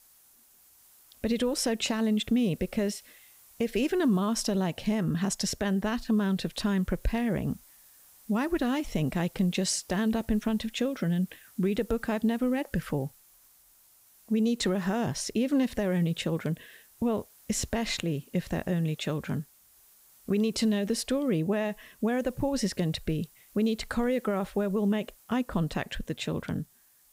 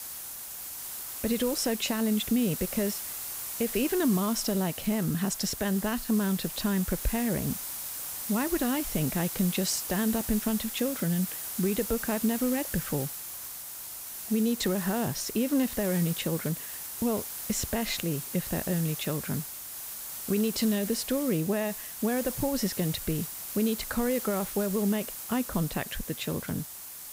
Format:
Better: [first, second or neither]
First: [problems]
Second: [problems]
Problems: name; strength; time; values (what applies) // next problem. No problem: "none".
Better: first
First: hiss; faint; throughout; 25 dB below the speech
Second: hiss; loud; throughout; 5 dB below the speech